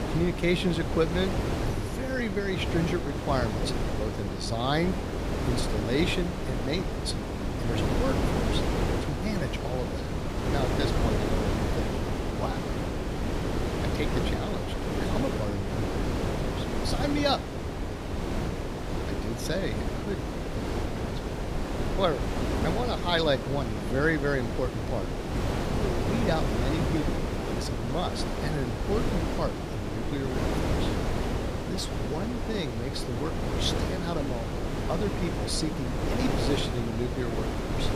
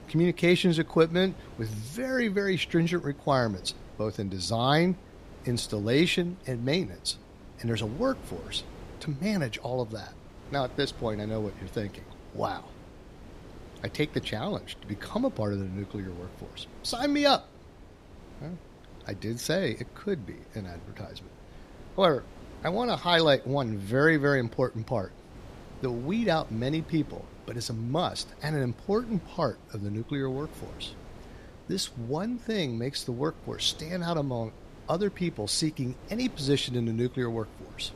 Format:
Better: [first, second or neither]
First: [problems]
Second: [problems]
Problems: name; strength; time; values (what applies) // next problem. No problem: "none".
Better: second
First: wind noise on the microphone; heavy; 1 dB below the speech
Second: wind noise on the microphone; occasional gusts; 20 dB below the speech